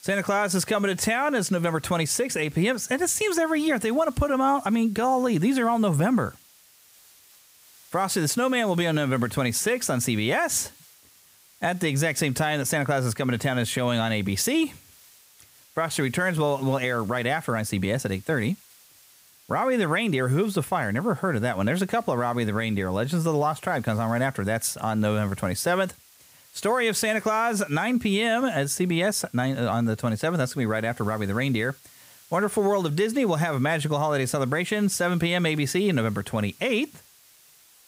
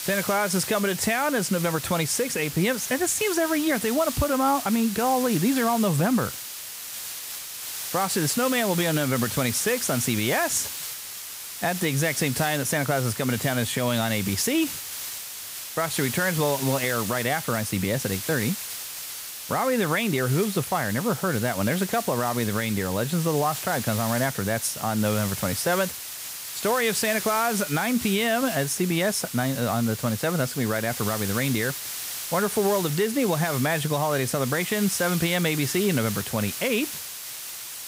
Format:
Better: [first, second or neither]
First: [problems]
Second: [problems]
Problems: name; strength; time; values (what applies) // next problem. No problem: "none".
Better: first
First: hiss; faint; throughout; 25 dB below the speech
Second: hiss; loud; throughout; 7 dB below the speech